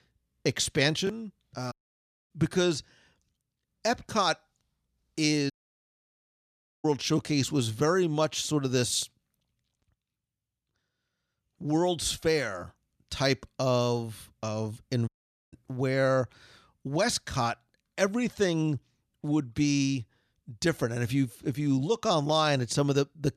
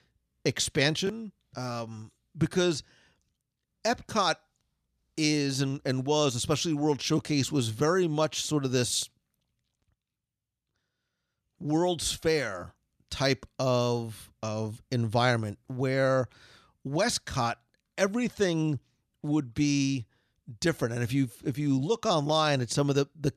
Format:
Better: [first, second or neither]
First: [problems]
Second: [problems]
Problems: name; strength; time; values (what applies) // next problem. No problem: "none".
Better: second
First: audio cutting out; at 1.5 s for 0.5 s, at 5.5 s for 1.5 s and at 15 s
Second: none